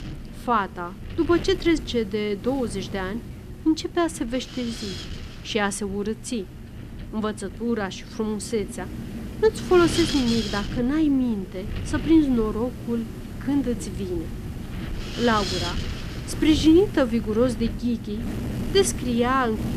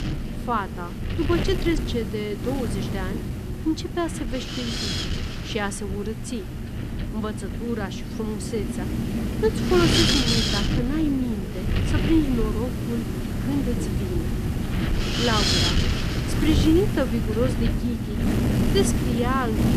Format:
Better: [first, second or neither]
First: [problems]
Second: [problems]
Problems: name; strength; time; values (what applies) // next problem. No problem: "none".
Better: first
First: wind noise on the microphone; occasional gusts; 10 dB below the speech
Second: wind noise on the microphone; heavy; as loud as the speech